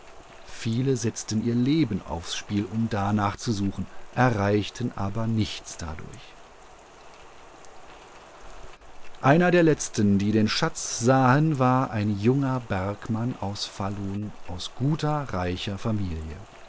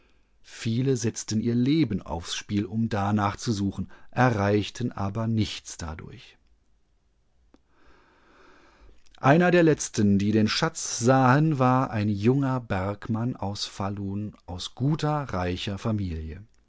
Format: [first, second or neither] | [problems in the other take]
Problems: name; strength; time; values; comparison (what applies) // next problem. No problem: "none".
second | background sound (Rain); 15 dB below the speech